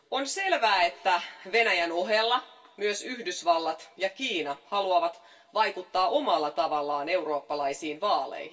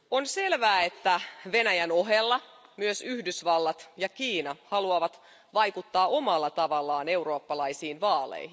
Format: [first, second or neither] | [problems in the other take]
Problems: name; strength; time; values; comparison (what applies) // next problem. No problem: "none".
second | room echo; dies away in 0.2 s